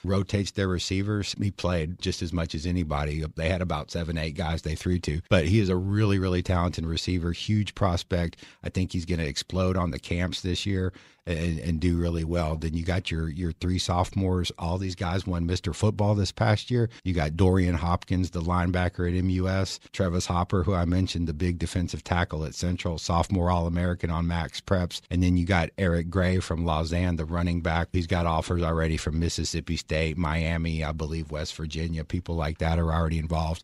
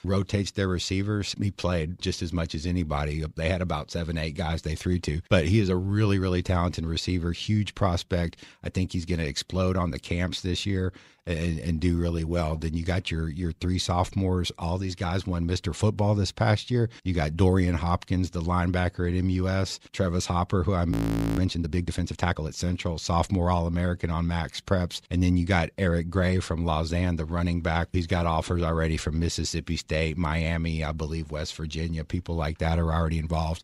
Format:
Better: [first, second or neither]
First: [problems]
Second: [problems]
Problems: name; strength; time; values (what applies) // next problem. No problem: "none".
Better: first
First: none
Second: audio freezing; at 21 s